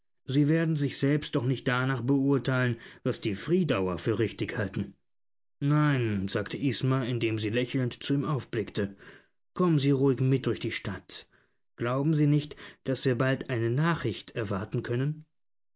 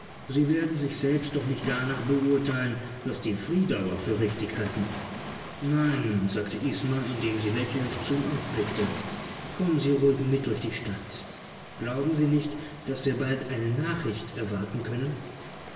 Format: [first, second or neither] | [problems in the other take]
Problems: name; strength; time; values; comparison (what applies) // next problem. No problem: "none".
first | background sound (Waves, surf); 12 dB below the speech // room echo; dies away in 1.3 s